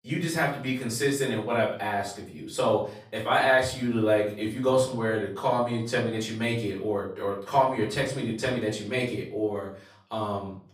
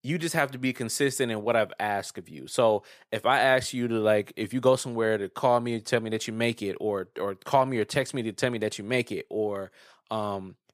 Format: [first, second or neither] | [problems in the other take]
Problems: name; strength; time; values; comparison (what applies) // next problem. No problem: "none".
second | off-mic speech; far // room echo; slight; dies away in 0.5 s